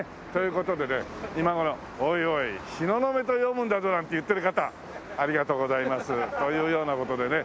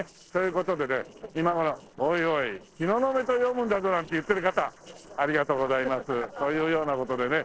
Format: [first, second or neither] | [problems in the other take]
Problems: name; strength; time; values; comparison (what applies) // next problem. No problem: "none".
first | noise reduction (neural separator model SepFormer DNS4)